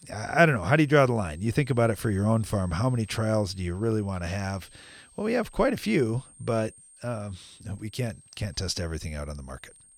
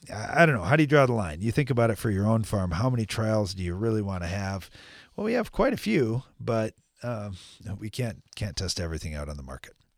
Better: second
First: high-pitched whine; faint; throughout; 8.5 kHz, 25 dB below the speech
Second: none

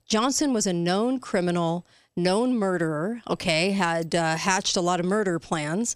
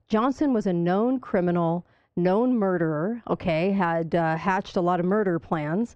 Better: first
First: none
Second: muffled; very; fading above 1.5 kHz

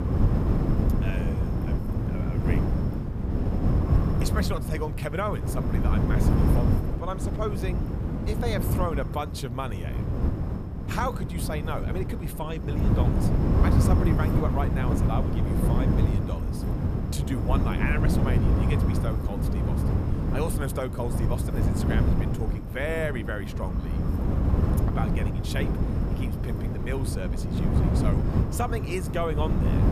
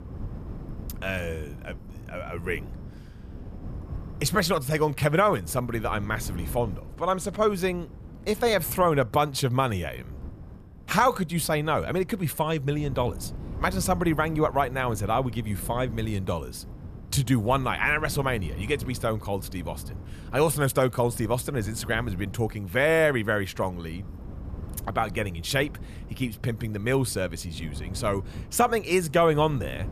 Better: second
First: wind noise on the microphone; heavy; 1 dB below the speech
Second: wind noise on the microphone; occasional gusts; 25 dB below the speech

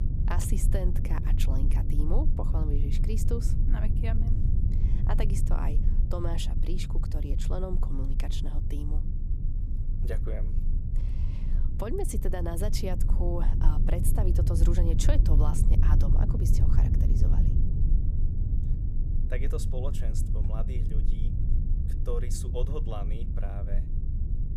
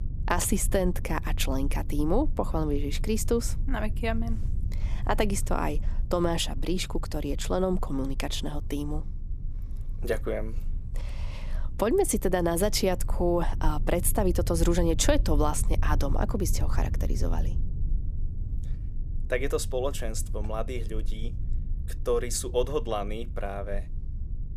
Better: second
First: low rumble; loud; throughout; 5 dB below the speech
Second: low rumble; faint; throughout; 20 dB below the speech

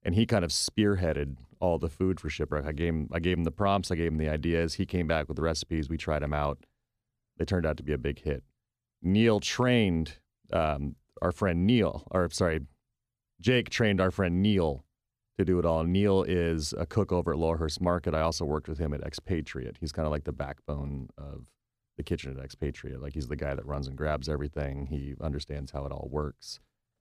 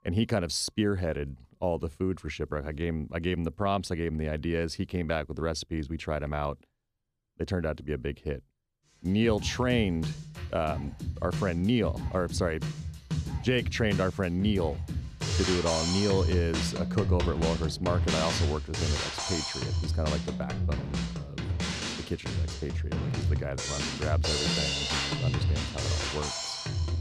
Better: first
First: none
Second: background music; loud; throughout; 1 dB below the speech

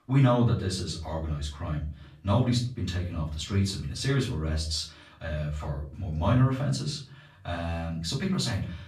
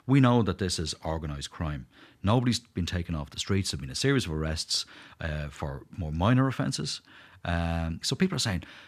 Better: second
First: off-mic speech; far // room echo; slight; dies away in 0.5 s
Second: none

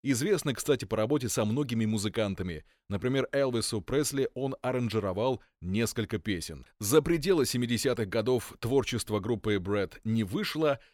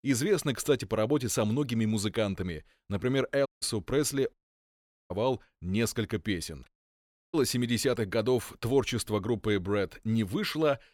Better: first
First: none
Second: audio cutting out; at 3.5 s, at 4.5 s for 1 s and at 6.5 s for 0.5 s

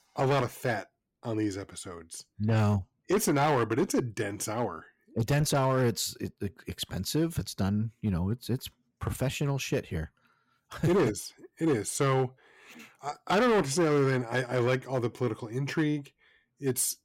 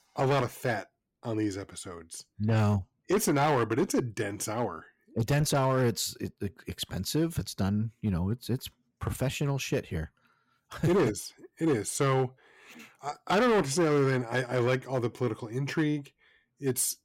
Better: neither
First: distortion; slight; 6% of the sound clipped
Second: distortion; slight; 6% of the sound clipped

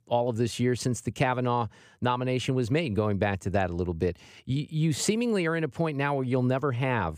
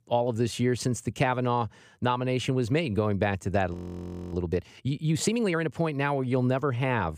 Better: first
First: none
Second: audio freezing; at 3.5 s for 0.5 s

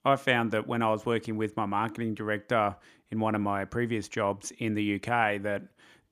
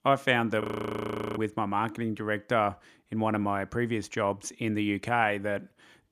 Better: first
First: none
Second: audio freezing; at 0.5 s for 0.5 s

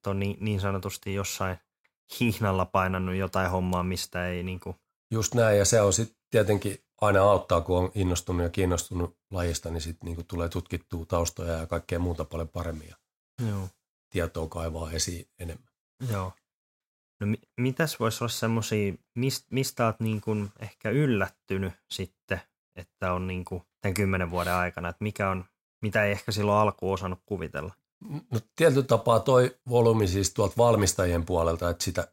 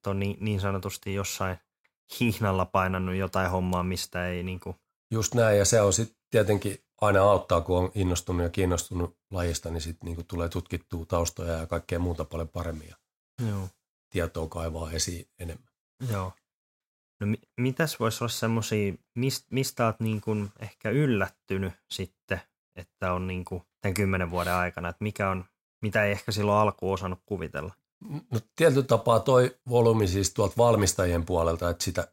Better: neither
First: none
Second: none

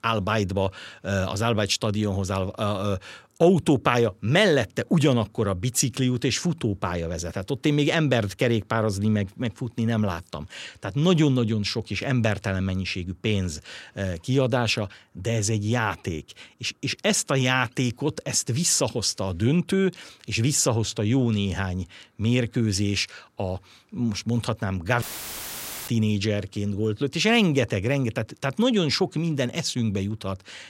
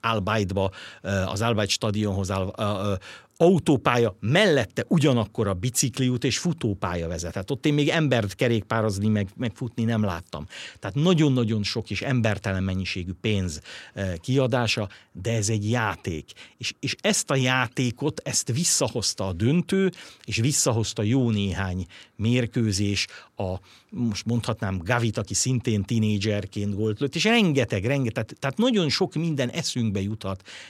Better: second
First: audio cutting out; filled with static; at 25 s for 1 s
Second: none

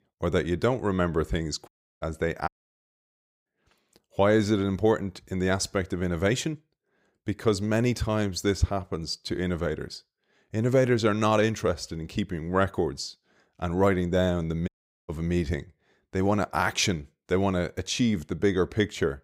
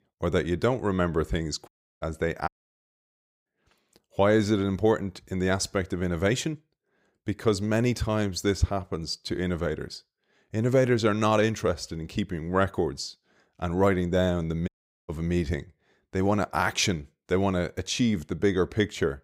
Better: neither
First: audio cutting out; at 1.5 s, at 2.5 s for 1 s and at 15 s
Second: audio cutting out; at 1.5 s, at 2.5 s for 1 s and at 15 s

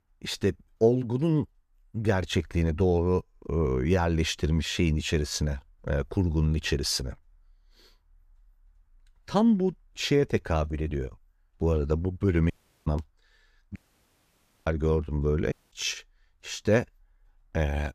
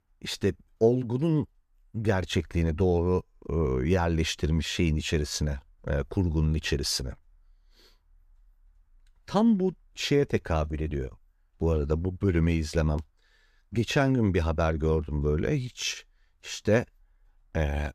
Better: second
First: audio cutting out; at 13 s, at 14 s for 1 s and at 16 s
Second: none

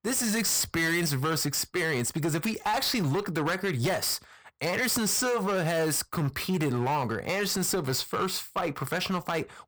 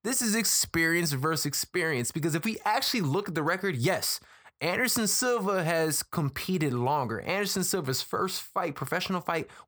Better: second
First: distortion; slight; 17% of the sound clipped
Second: none

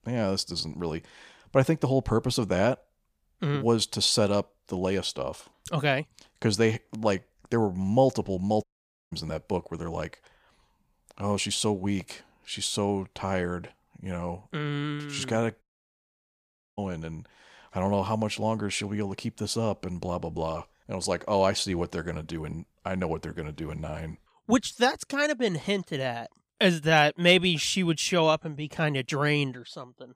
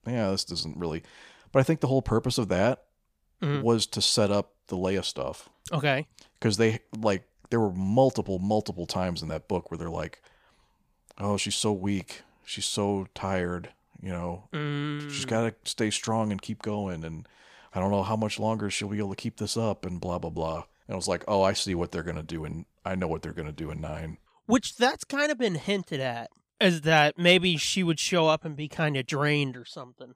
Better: second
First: audio cutting out; at 8.5 s and at 16 s for 1 s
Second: none

